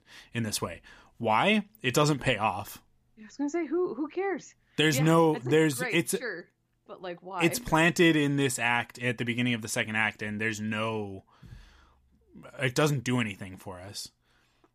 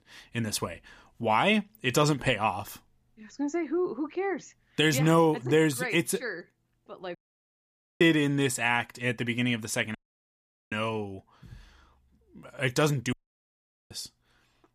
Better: first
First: none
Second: audio cutting out; at 7 s for 1 s, at 10 s for 1 s and at 13 s for 1 s

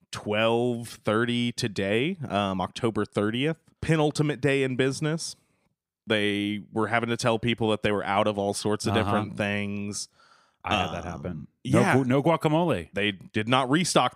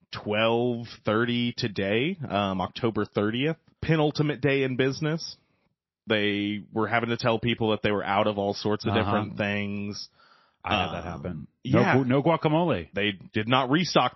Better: first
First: none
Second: garbled, watery; slightly; nothing above 5.5 kHz

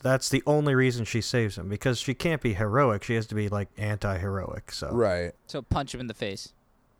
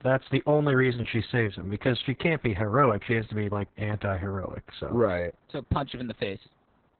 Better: first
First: none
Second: garbled, watery; badly; nothing above 4 kHz

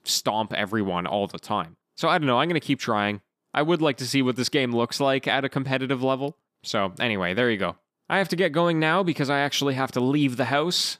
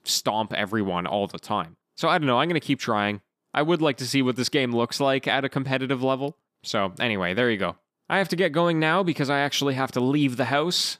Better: neither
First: none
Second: none

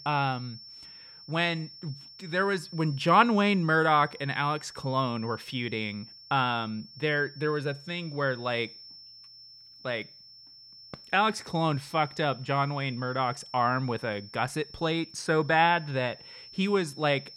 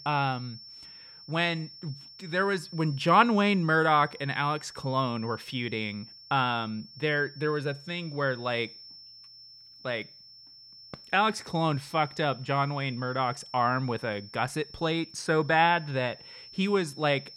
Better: neither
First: high-pitched whine; noticeable; throughout; 5.5 kHz, 20 dB below the speech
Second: high-pitched whine; noticeable; throughout; 5.5 kHz, 20 dB below the speech

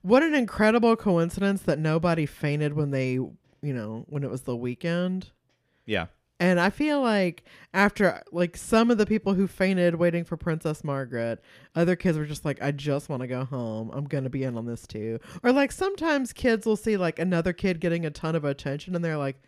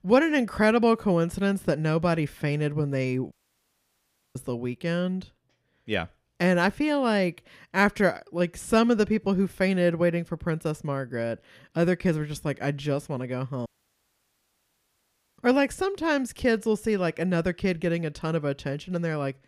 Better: first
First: none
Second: audio cutting out; at 3.5 s for 1 s and at 14 s for 1.5 s

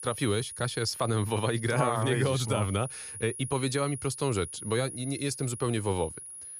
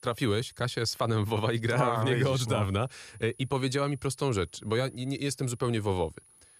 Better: second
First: high-pitched whine; loud; throughout; 10.5 kHz, 10 dB below the speech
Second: high-pitched whine; faint; throughout; 10.5 kHz, 25 dB below the speech

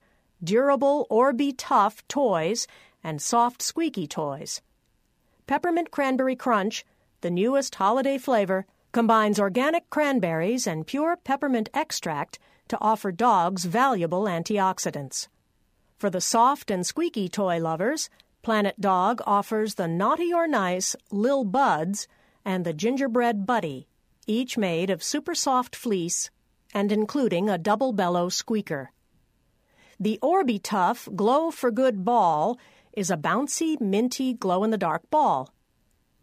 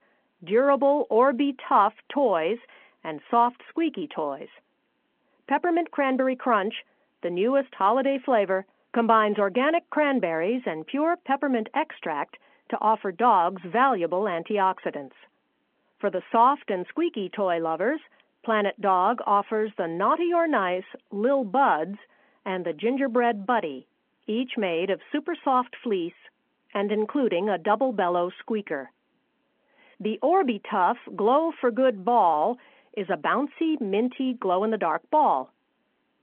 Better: first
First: none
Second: phone-call audio

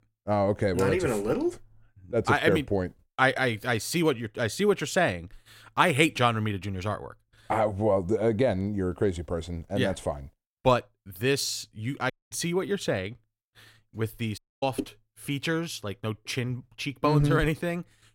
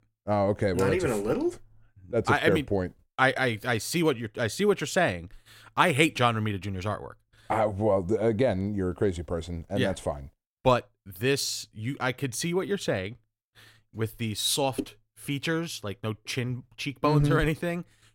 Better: second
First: audio cutting out; at 12 s and at 14 s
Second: none

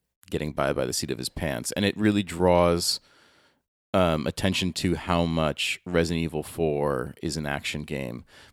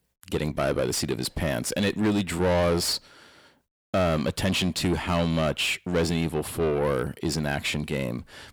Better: first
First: none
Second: distortion; heavy; 8 dB below the speech

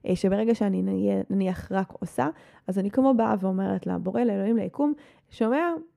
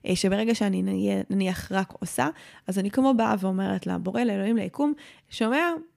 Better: second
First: muffled; slightly; fading above 2 kHz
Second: none

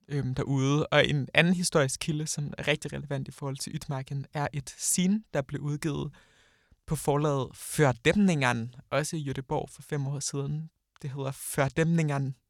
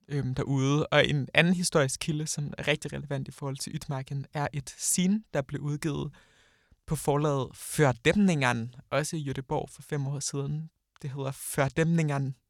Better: neither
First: none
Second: none

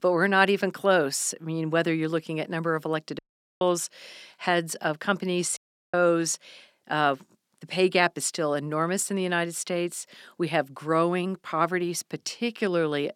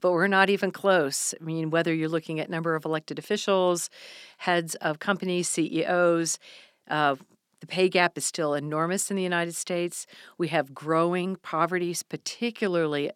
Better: second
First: audio cutting out; at 3 s and at 5.5 s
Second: none

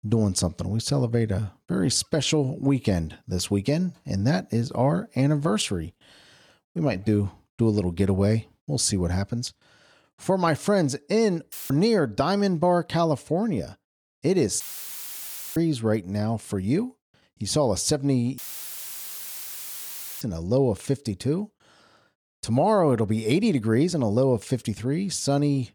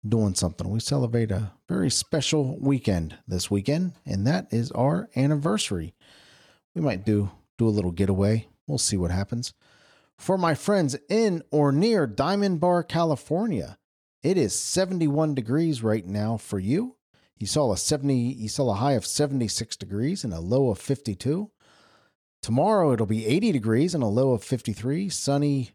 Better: second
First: audio cutting out; filled with static; at 12 s, at 15 s for 1 s and at 18 s for 2 s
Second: none

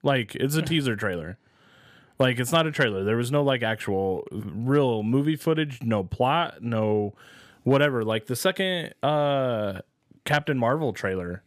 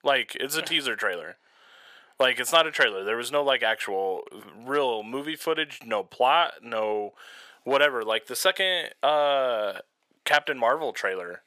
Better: first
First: none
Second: thin; very; fading below 650 Hz

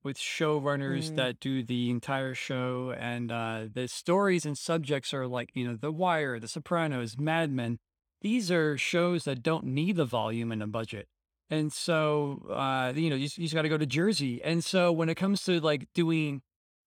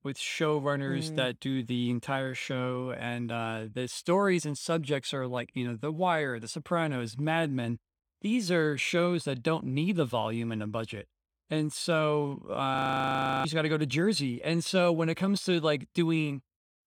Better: first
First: none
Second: audio freezing; at 13 s for 0.5 s

